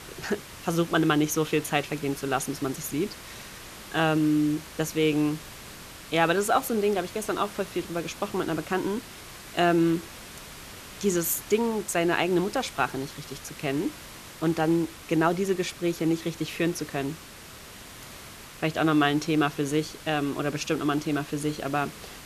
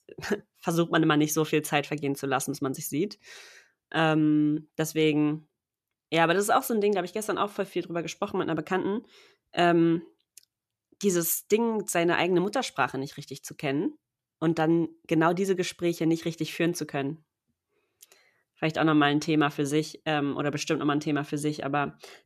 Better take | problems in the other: second | hiss; noticeable; throughout; 15 dB below the speech

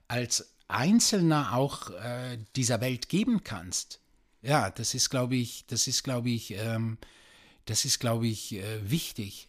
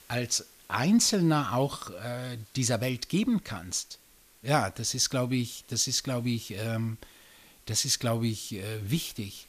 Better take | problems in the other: first | hiss; faint; throughout; 25 dB below the speech

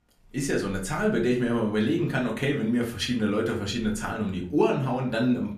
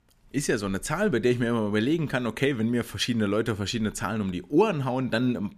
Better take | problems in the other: second | room echo; slight; dies away in 0.4 s // off-mic speech; far

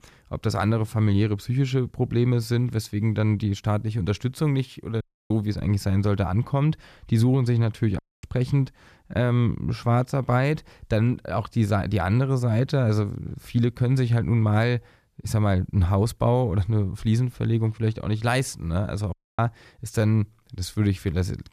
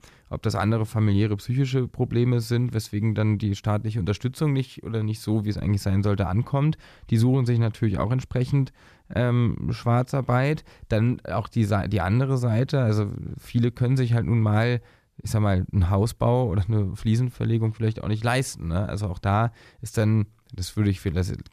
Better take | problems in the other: second | audio cutting out; at 5 s, at 8 s and at 19 s

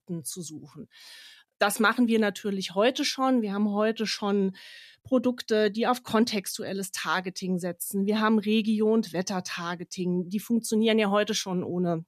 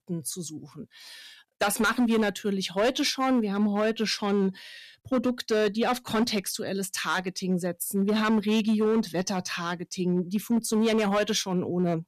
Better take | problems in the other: first | distortion; slight; 8% of the sound clipped

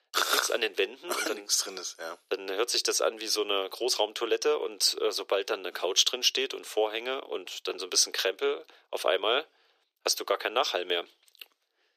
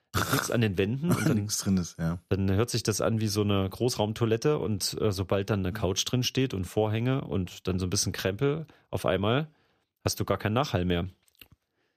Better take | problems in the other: second | thin; very; fading below 400 Hz

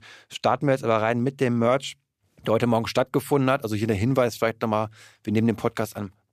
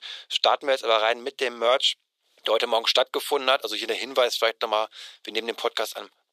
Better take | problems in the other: first | thin; very; fading below 450 Hz

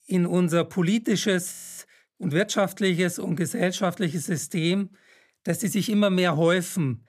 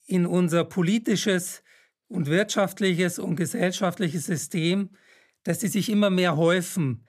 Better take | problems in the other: second | audio freezing; at 1.5 s

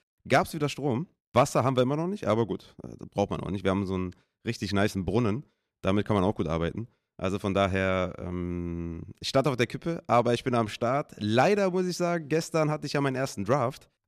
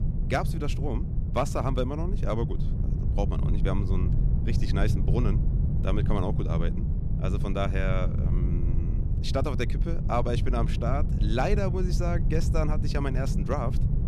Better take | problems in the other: first | low rumble; loud; throughout; 8 dB below the speech

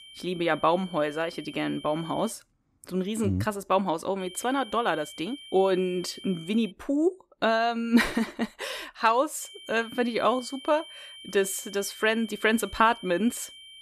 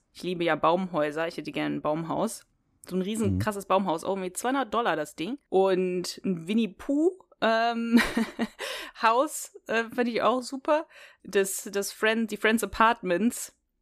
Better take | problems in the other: second | high-pitched whine; noticeable; until 2.5 s, from 4 to 6.5 s and from 9.5 s on; 3 kHz, 15 dB below the speech

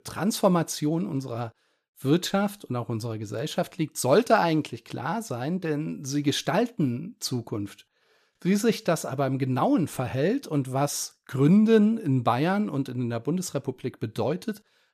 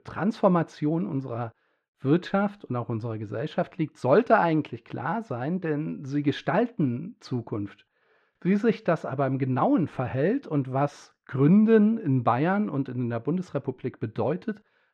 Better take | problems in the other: first | muffled; very; fading above 2 kHz

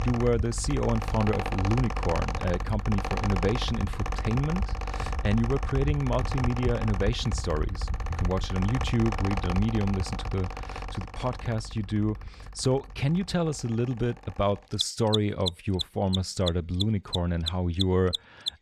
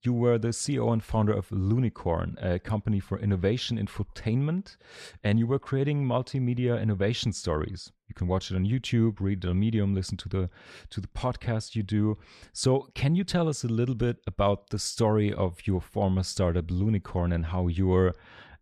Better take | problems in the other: second | machinery noise; loud; throughout; 4 dB below the speech

